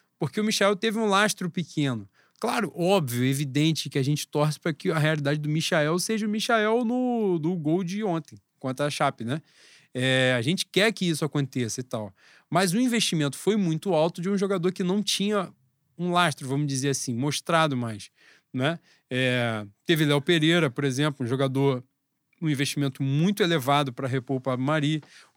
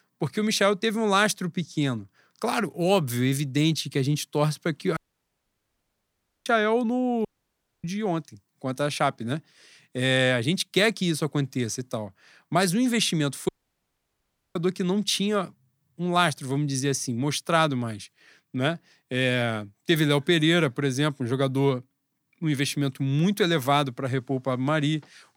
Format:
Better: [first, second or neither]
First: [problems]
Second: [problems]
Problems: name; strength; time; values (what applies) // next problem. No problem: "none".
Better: first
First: none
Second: audio cutting out; at 5 s for 1.5 s, at 7.5 s for 0.5 s and at 13 s for 1 s